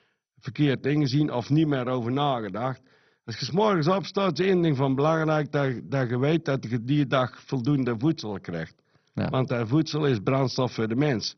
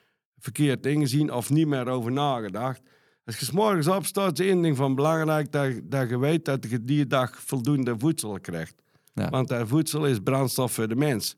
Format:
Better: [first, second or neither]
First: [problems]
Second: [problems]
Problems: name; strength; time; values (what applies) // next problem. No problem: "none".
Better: second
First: garbled, watery; badly; nothing above 6 kHz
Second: none